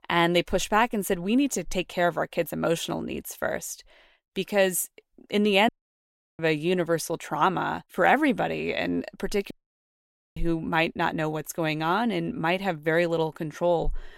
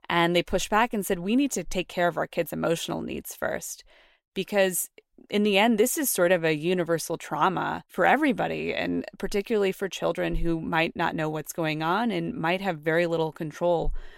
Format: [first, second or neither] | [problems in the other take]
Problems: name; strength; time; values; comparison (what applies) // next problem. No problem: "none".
second | audio cutting out; at 5.5 s for 0.5 s and at 9.5 s for 1 s